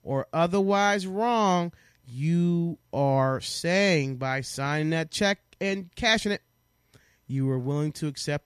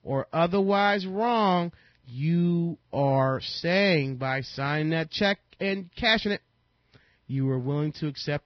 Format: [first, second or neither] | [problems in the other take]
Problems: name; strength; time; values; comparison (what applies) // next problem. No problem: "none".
first | garbled, watery; badly; nothing above 5.5 kHz